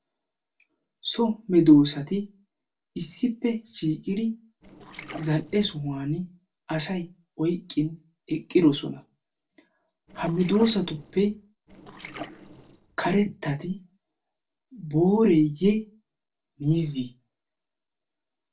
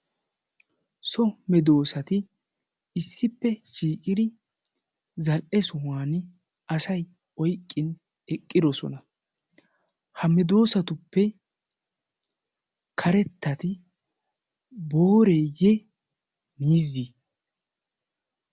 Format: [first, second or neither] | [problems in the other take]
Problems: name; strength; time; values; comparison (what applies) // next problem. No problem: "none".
second | noise reduction (neural separator model SepFormer DNS4)